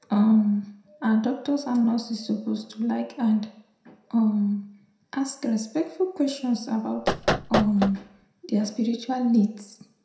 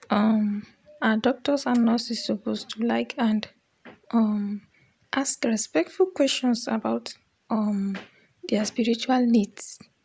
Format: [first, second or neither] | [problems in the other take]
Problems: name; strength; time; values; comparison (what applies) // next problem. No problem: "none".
second | background sound (Knock); 1 dB below the speech // room echo; dies away in 0.6 s